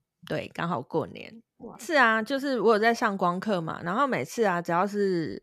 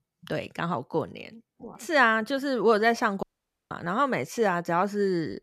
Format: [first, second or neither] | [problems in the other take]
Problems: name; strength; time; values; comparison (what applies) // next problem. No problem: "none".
first | audio cutting out; at 3 s